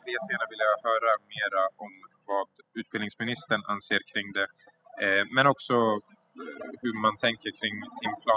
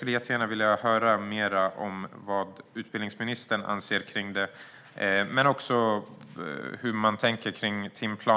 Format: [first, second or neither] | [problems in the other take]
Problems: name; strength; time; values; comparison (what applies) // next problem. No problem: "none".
second | noise reduction (classical method spectral subtraction)